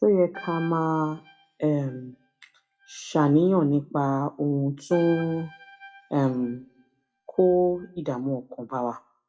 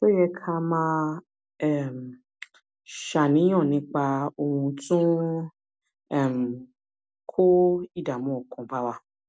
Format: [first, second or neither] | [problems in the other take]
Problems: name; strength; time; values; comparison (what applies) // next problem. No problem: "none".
second | noise reduction (classical method WPE with log-MMSE)